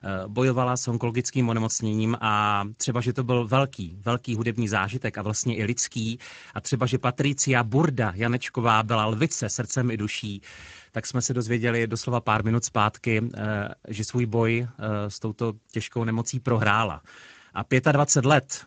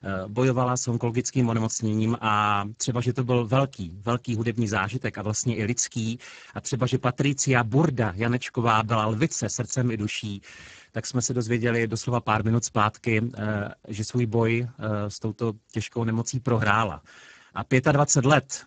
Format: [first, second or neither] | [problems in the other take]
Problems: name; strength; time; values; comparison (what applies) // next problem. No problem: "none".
first | garbled, watery; badly; nothing above 7.5 kHz; slightly in the first